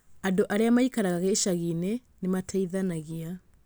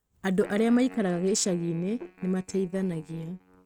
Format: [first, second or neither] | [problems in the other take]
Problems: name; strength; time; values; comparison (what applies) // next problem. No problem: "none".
first | noise reduction (neural mask model RNNoise)